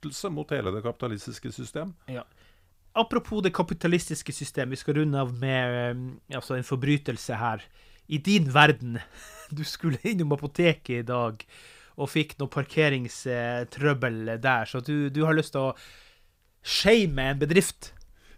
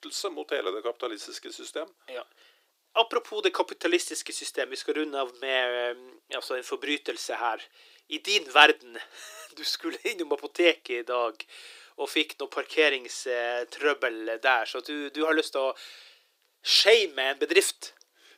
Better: first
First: none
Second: thin; very; fading below 350 Hz

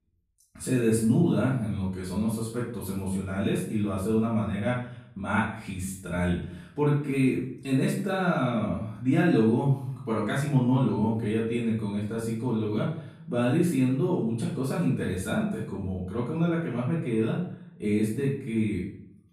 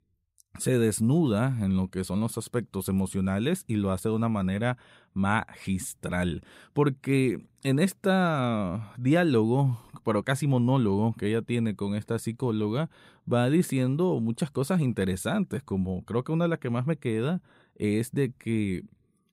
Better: second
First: room echo; noticeable; dies away in 0.5 s // off-mic speech; far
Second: none

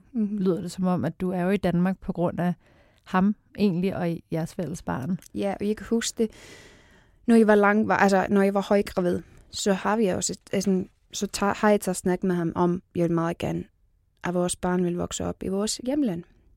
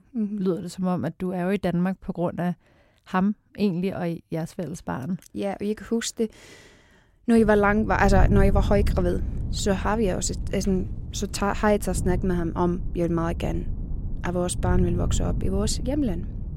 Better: first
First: none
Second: wind noise on the microphone; occasional gusts; from 7.5 s on; 15 dB below the speech

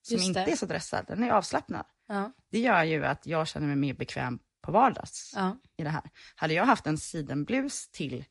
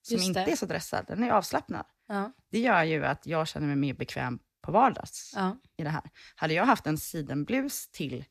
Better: second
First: garbled, watery; slightly; nothing above 11 kHz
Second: none

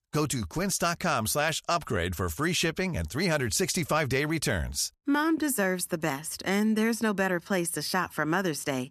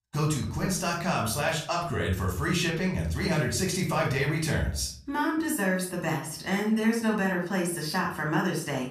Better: first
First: none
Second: off-mic speech; somewhat distant // room echo; slight; dies away in 0.4 s

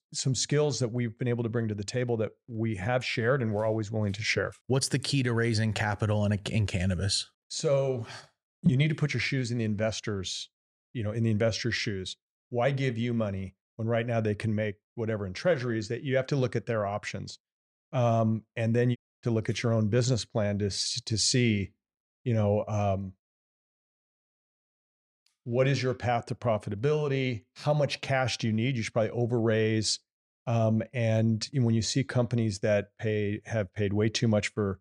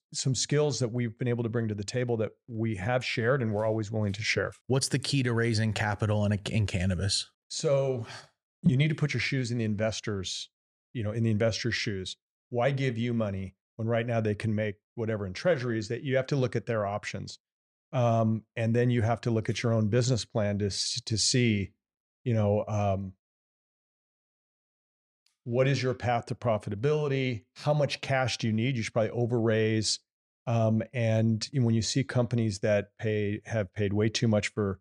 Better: second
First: audio cutting out; at 19 s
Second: none

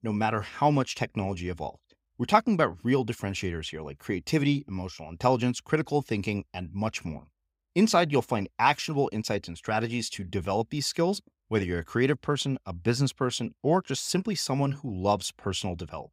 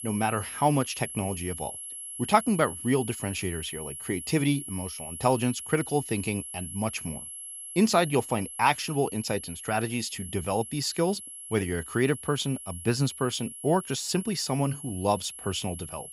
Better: first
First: none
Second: high-pitched whine; loud; throughout; 11 kHz, 9 dB below the speech

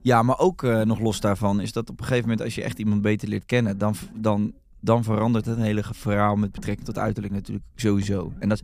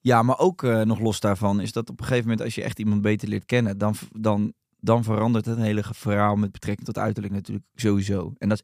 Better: second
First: low rumble; faint; throughout; 25 dB below the speech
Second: none

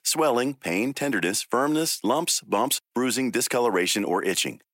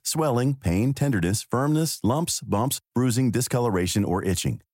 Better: second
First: thin; somewhat; fading below 300 Hz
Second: none

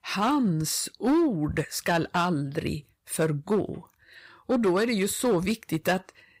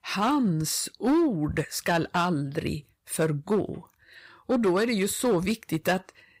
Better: neither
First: distortion; slight; 6% of the sound clipped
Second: distortion; slight; 6% of the sound clipped

